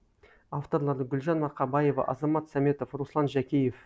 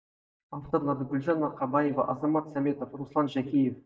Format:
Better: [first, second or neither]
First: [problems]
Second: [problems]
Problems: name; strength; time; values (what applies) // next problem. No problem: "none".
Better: first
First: none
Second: noise reduction (neural mask model DeepFilterNet 3)